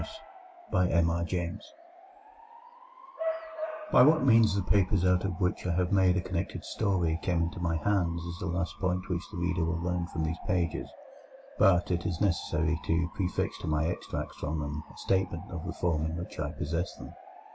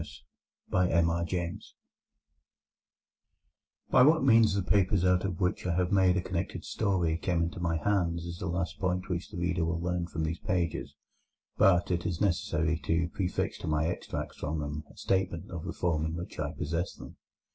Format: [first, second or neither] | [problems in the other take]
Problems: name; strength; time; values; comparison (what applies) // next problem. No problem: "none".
second | background sound (Bark / Motor vehicle (road) / Siren); 16 dB below the speech